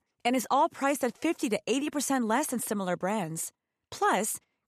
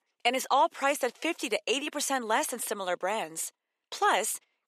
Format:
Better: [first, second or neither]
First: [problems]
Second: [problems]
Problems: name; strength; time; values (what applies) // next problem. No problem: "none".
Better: first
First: none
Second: thin; somewhat; fading below 450 Hz